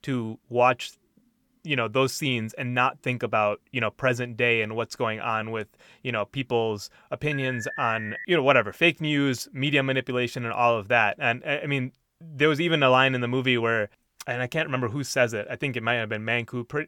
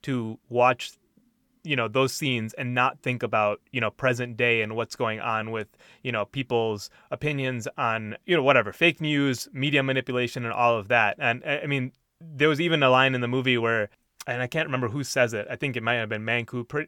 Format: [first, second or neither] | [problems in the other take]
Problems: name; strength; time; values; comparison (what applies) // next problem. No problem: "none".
second | alarm; noticeable; at 7.5 s; peak 9 dB below the speech